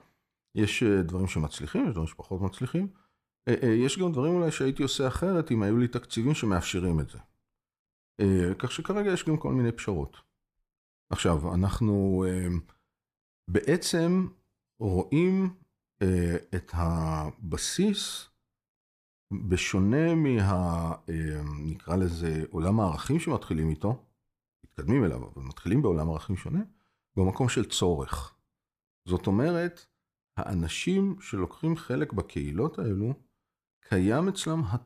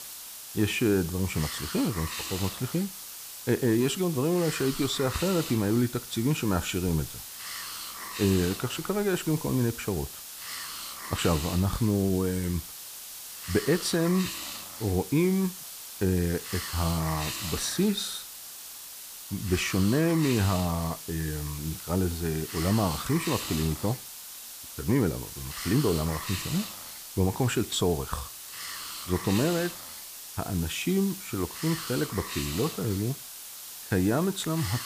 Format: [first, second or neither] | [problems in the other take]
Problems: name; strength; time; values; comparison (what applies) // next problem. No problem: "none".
first | hiss; loud; throughout; 8 dB below the speech